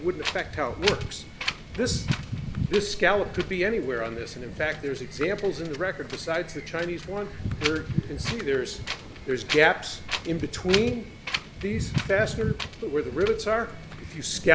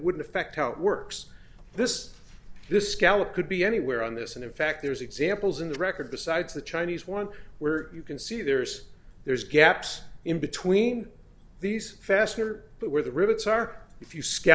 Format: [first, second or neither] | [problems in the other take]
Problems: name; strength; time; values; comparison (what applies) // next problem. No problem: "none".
second | background sound (Wind); 6 dB below the speech